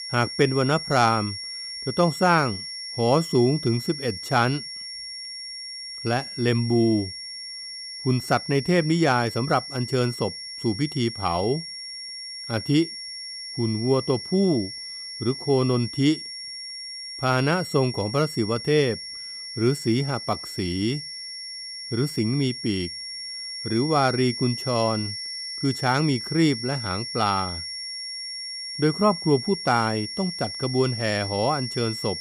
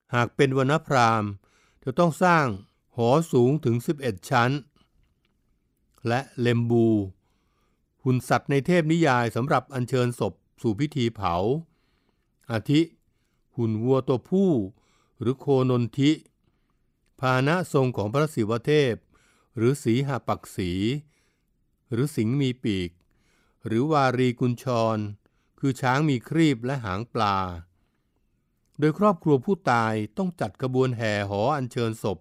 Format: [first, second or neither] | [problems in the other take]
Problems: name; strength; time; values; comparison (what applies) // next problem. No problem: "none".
second | high-pitched whine; loud; throughout; 5.5 kHz, 8 dB below the speech